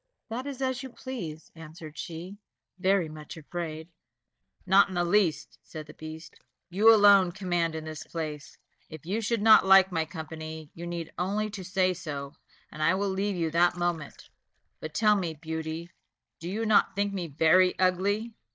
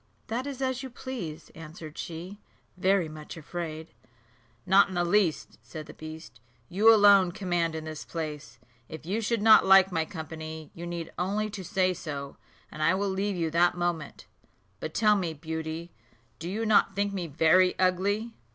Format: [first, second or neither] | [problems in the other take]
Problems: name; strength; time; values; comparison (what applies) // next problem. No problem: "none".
second | noise reduction (neural mask model DeepFilterNet 3)